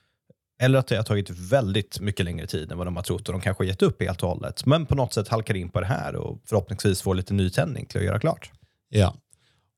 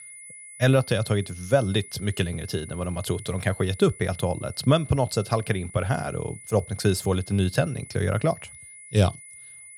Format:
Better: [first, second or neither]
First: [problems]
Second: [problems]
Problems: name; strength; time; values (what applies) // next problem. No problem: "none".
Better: first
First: none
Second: high-pitched whine; noticeable; throughout; 10 kHz, 15 dB below the speech